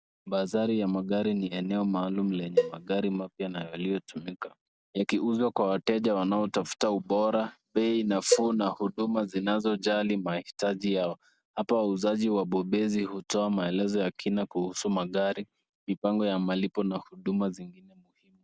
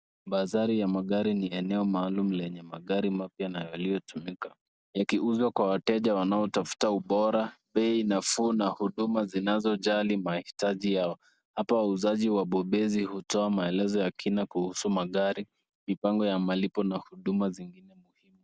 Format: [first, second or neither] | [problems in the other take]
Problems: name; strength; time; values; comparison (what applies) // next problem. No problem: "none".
second | background sound (Cowbell); 4 dB below the speech